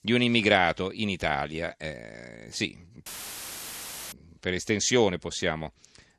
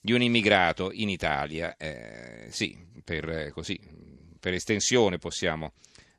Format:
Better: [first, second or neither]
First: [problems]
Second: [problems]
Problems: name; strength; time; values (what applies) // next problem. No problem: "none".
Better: second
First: audio cutting out; filled with static; at 3 s for 1 s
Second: none